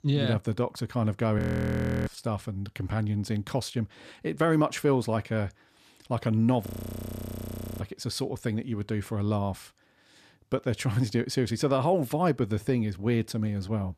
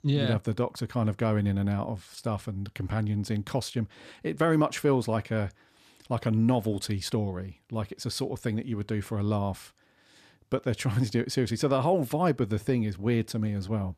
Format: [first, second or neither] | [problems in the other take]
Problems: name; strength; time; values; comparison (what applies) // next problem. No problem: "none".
second | audio freezing; at 1.5 s for 0.5 s and at 6.5 s for 1 s